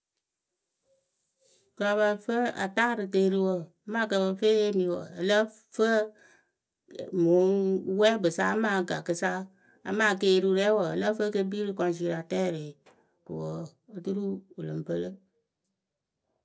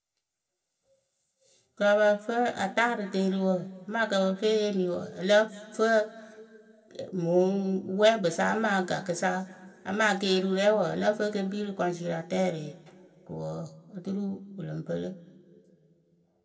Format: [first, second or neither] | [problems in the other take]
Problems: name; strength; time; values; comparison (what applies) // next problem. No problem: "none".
first | room echo; dies away in 1.4 s